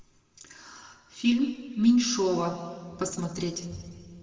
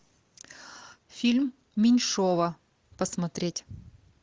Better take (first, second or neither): second